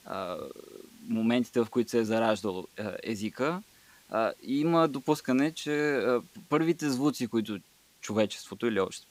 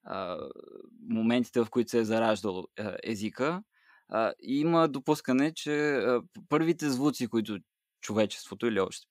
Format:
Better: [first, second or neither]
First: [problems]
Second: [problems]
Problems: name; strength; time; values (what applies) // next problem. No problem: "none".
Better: second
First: hiss; faint; throughout; 30 dB below the speech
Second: none